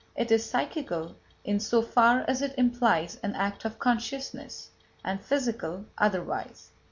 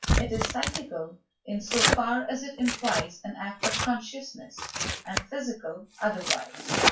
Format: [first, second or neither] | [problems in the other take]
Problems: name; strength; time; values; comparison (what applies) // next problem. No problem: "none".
first | noise reduction (classical method WPE with log-MMSE)